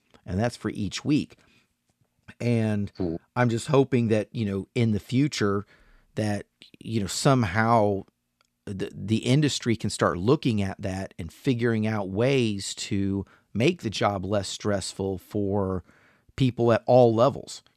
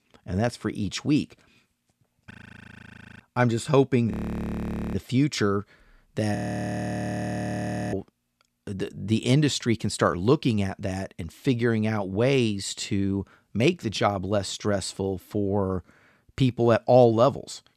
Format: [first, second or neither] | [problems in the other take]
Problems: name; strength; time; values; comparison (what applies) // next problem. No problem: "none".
first | audio freezing; at 2.5 s for 1 s, at 4 s for 1 s and at 6.5 s for 1.5 s